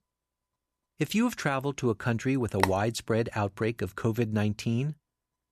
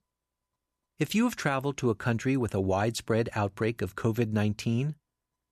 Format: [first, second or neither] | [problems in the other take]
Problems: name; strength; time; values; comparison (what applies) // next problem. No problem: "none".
second | phone ringing; very faint; at 2.5 s; peak 2 dB below the speech